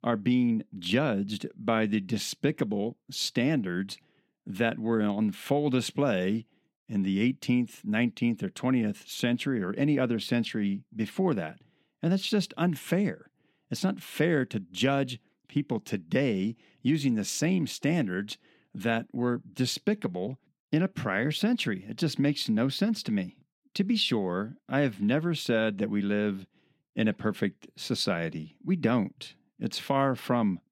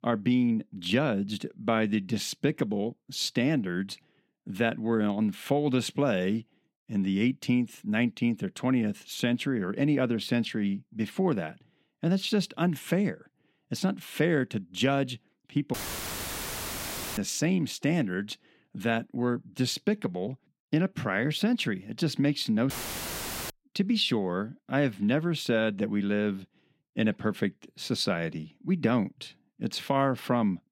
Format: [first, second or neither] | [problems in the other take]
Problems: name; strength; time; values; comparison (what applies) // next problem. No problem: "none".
first | audio cutting out; filled with static; at 16 s for 1.5 s and at 23 s for 1 s